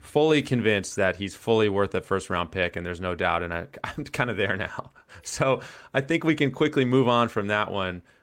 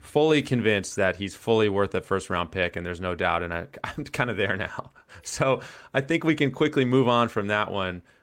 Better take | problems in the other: neither | none

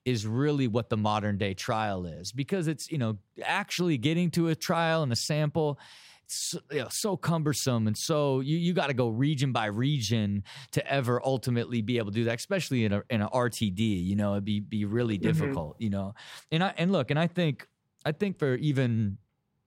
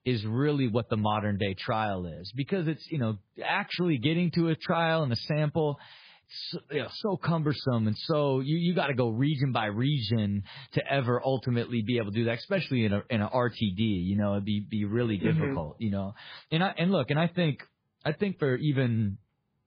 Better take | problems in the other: first | garbled, watery; badly; nothing above 5 kHz

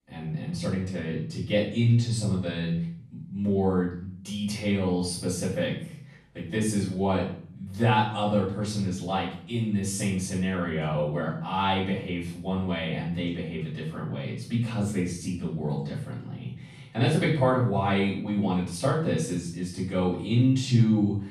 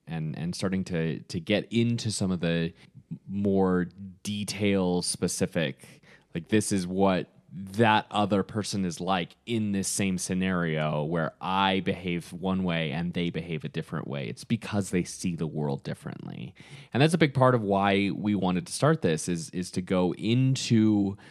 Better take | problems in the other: second | off-mic speech; far // room echo; noticeable; dies away in 0.6 s

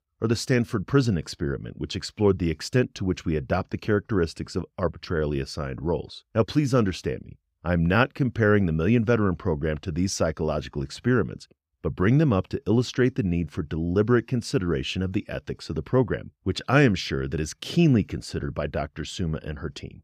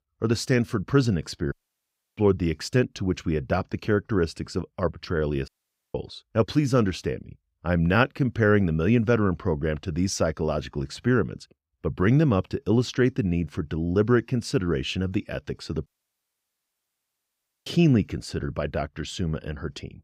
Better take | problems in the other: first | audio cutting out; at 1.5 s for 0.5 s, at 5.5 s and at 16 s for 2 s

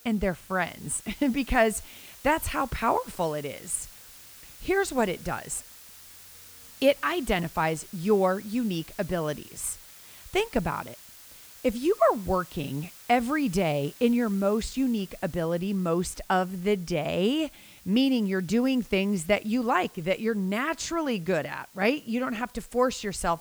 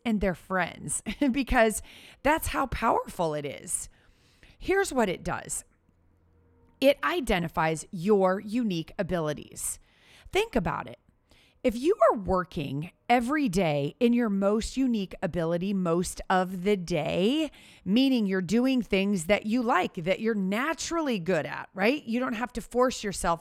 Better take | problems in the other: second | hiss; noticeable; throughout; 20 dB below the speech

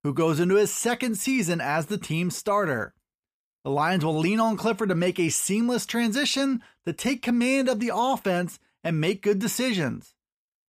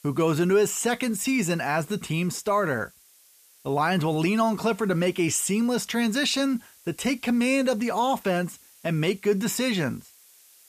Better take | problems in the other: first | hiss; faint; throughout; 25 dB below the speech

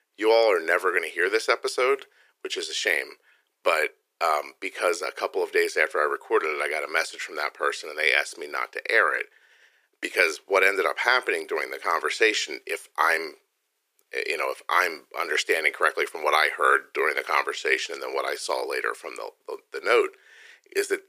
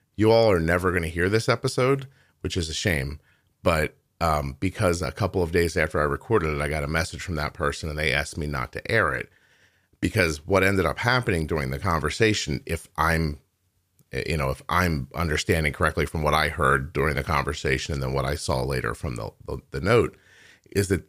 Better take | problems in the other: second | thin; very; fading below 350 Hz

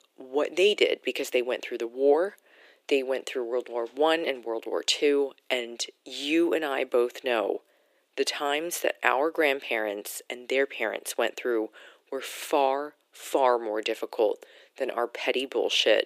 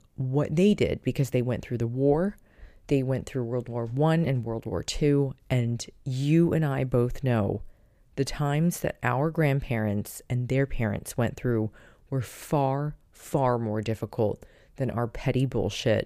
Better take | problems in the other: second | thin; very; fading below 350 Hz

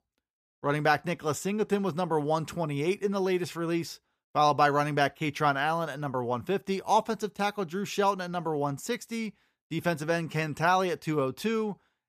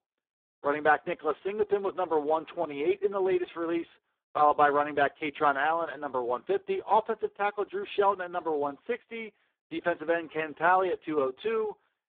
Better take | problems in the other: first | phone-call audio; poor line; nothing above 3.5 kHz

